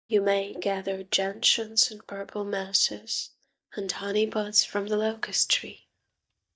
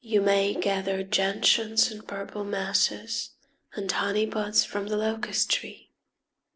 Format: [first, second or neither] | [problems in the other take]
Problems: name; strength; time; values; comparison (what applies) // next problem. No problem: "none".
second | noise reduction (neural mask model DeepFilterNet 3)